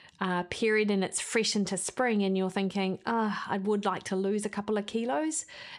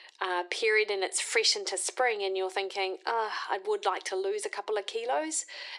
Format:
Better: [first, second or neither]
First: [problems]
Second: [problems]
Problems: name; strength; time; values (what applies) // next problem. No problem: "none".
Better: first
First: none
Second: thin; very; fading below 350 Hz